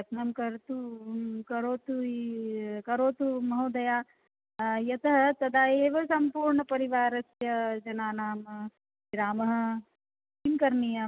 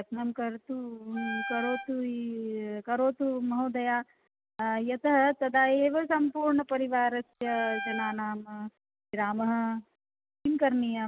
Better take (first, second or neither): first